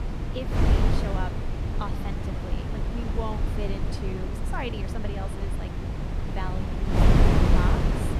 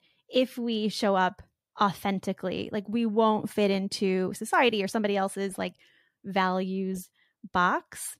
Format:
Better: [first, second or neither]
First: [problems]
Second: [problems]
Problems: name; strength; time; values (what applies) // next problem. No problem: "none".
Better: second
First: wind noise on the microphone; heavy; 4 dB above the speech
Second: none